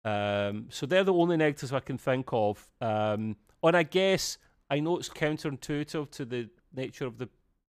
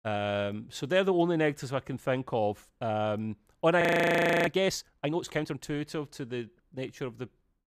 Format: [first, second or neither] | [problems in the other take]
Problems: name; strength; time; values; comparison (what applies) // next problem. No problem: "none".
first | audio freezing; at 4 s for 0.5 s